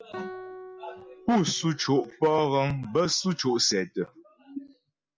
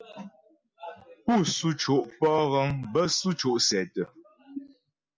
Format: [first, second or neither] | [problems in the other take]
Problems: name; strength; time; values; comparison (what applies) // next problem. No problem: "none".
second | background sound (Guitar); 18 dB below the speech